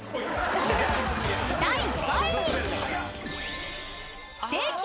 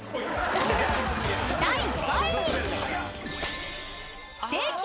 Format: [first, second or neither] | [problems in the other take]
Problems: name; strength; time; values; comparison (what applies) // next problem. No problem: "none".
first | background sound (Camera + Cutlery, silverware); 16 dB below the speech